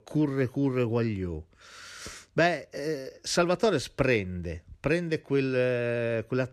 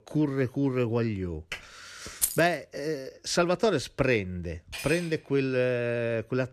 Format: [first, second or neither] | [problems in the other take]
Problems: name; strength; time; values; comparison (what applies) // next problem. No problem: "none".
first | keyboard typing; faint; at 1.5 s; peak 10 dB below the speech // jangling keys; noticeable; at 2 s; peak level with the speech // clattering dishes; noticeable; at 4.5 s; peak 8 dB below the speech